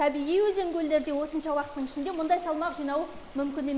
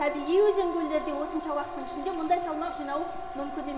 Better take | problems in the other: first | background sound (Siren); 8 dB below the speech // room echo; dies away in 0.8 s

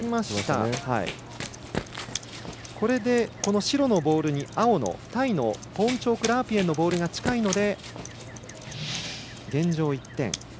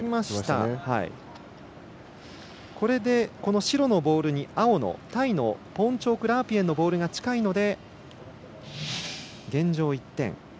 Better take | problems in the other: second | background sound (Computer keyboard + Run); 12 dB below the speech

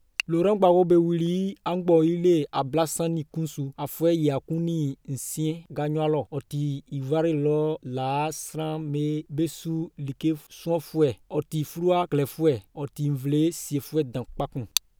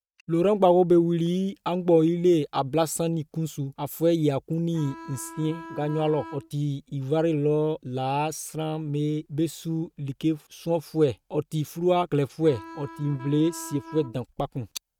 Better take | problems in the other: first | noise reduction (neural mask model RNNoise)

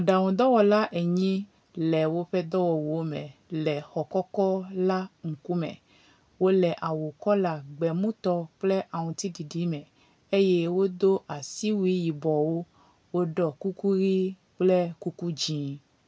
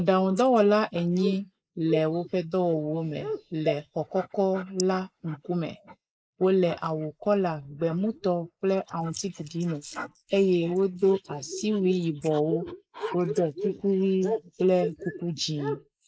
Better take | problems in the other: first | noise reduction (neural mask model Resemble Enhance denoiser)

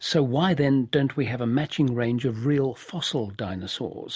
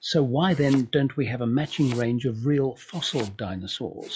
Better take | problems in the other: first | noise reduction (classical method log-MMSE)

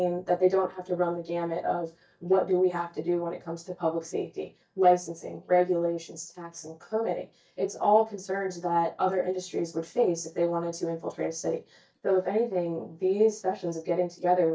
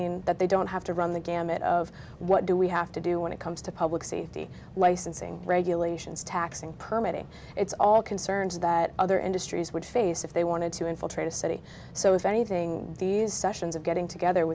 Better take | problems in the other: second | noise reduction (neural mask model DeepFilterNet 3)

